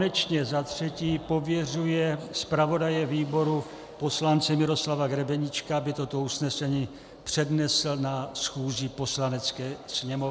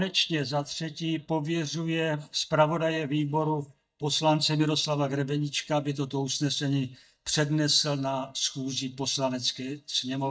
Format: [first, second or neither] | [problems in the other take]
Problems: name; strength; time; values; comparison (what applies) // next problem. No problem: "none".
first | noise reduction (neural mask model DeepFilterNet 3)